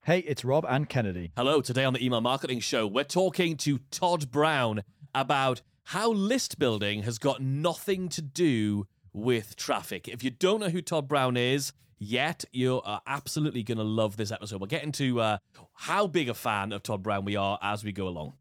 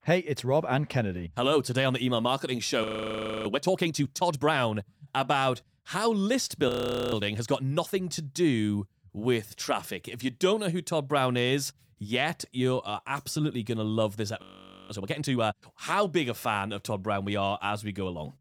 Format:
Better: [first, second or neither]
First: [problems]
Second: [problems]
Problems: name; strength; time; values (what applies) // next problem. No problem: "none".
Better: first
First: none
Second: audio freezing; at 3 s for 0.5 s, at 6.5 s and at 14 s